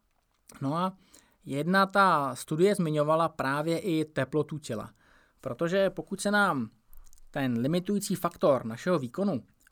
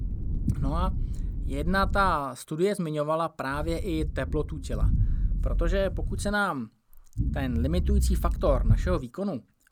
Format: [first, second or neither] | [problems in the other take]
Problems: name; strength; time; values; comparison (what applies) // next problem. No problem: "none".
first | low rumble; noticeable; until 2 s, from 3.5 to 6.5 s and from 7 to 9 s; 15 dB below the speech